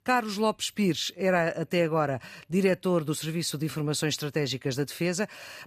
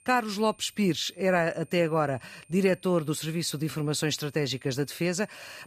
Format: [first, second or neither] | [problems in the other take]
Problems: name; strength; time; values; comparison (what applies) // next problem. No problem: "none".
first | high-pitched whine; faint; throughout; 9 kHz, 30 dB below the speech